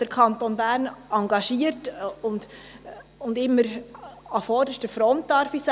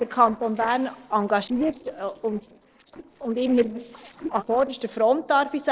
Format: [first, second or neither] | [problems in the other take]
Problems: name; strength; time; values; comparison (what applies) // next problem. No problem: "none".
first | noise reduction (neural separator model SepFormer DNS4)